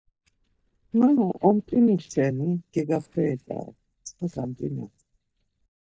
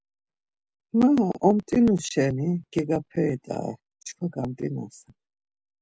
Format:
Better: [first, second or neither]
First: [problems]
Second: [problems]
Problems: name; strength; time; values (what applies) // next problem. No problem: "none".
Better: second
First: noise reduction (neural mask model DeepFilterNet 3)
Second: none